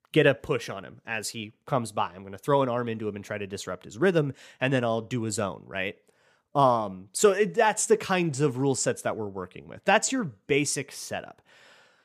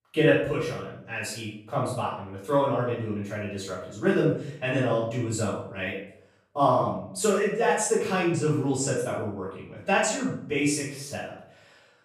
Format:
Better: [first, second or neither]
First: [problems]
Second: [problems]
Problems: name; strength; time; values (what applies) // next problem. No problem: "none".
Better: first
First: none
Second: off-mic speech; far // room echo; noticeable; dies away in 0.5 s